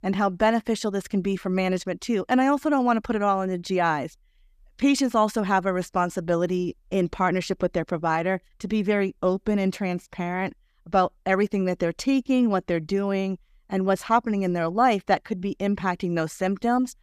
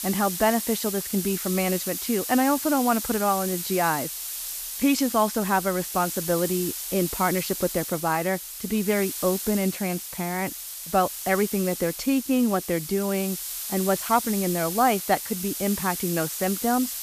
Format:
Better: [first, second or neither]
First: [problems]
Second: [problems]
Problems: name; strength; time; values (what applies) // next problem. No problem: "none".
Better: first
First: none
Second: hiss; loud; throughout; 5 dB below the speech